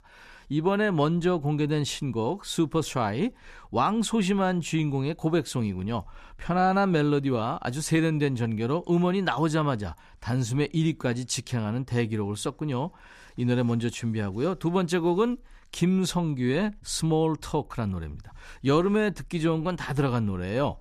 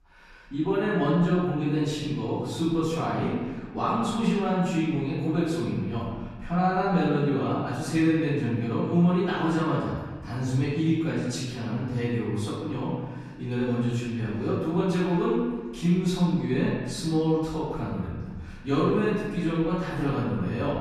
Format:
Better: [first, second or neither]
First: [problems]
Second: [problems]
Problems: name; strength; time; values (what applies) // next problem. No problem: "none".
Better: first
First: none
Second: off-mic speech; far // room echo; strong; dies away in 1.4 s